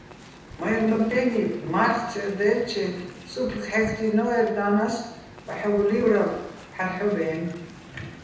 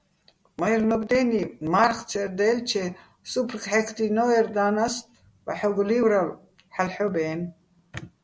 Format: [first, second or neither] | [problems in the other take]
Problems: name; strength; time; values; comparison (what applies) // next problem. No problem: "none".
second | background sound (Wind); 18 dB below the speech // room echo; dies away in 0.9 s